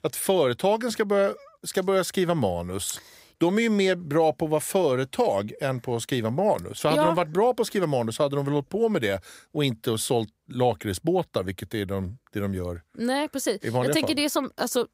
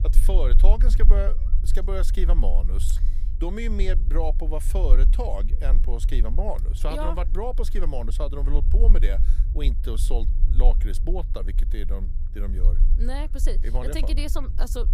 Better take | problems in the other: first | low rumble; noticeable; throughout; 15 dB below the speech

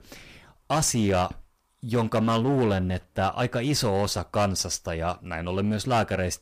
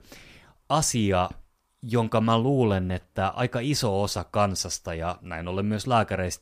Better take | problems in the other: second | distortion; slight; 8% of the sound clipped

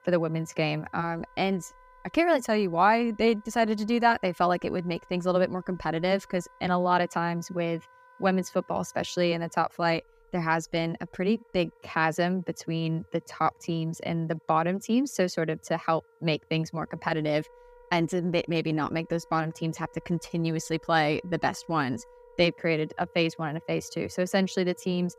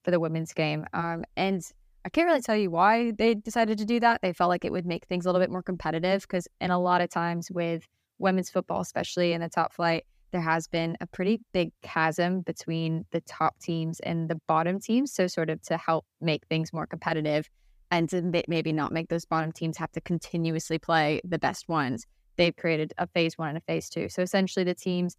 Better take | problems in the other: second | background music; faint; throughout; 30 dB below the speech

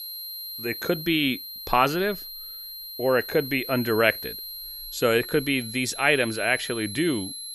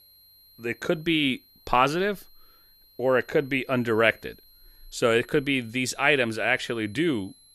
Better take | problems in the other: second | high-pitched whine; loud; throughout; 4 kHz, 10 dB below the speech; faint in the second

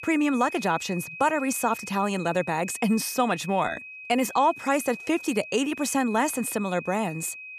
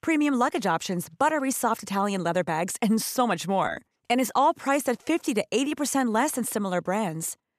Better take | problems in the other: second | high-pitched whine; noticeable; throughout; 2.5 kHz, 10 dB below the speech

